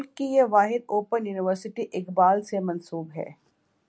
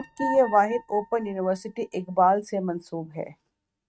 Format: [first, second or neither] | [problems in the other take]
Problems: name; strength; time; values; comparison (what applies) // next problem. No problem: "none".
first | noise reduction (neural mask model RNNoise)